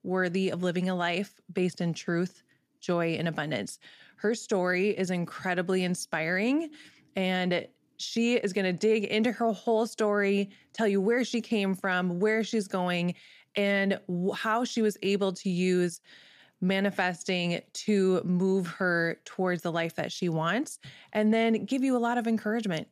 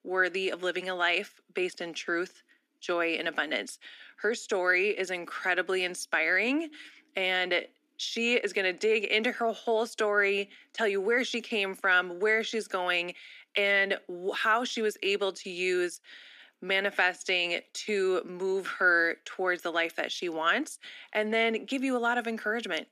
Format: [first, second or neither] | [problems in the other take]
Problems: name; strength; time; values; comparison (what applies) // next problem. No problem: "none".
first | thin; somewhat; fading below 250 Hz